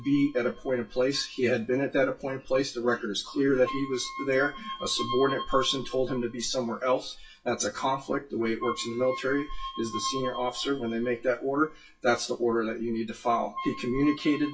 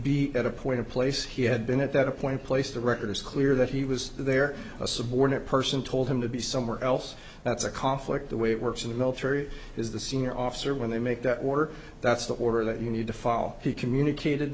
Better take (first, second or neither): second